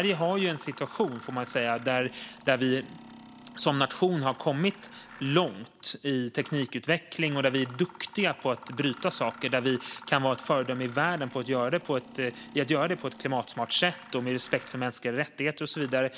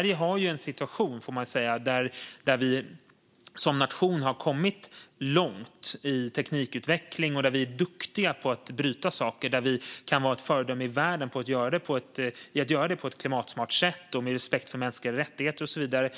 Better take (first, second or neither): second